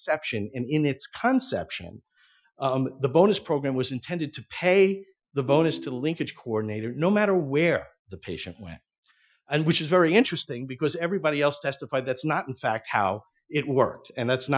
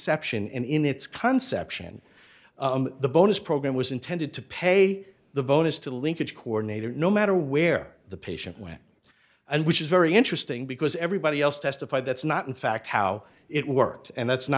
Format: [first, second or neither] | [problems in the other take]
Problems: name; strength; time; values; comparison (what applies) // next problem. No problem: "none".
second | noise reduction (classical method Wiener filter)